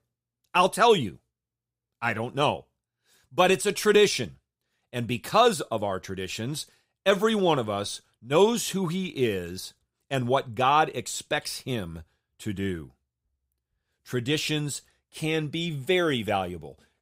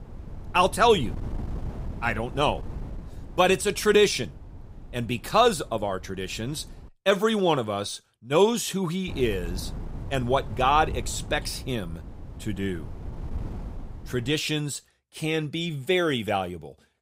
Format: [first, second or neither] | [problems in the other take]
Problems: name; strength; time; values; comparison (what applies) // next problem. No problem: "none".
first | wind noise on the microphone; occasional gusts; until 7 s and from 9 to 14 s; 25 dB below the speech